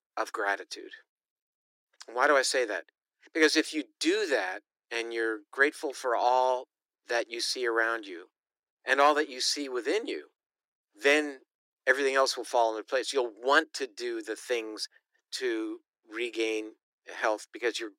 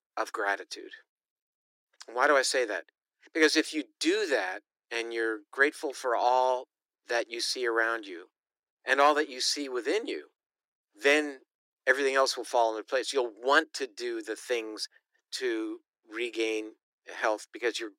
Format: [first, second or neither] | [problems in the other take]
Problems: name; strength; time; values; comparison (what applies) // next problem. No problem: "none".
neither | thin; very; fading below 300 Hz; the same in both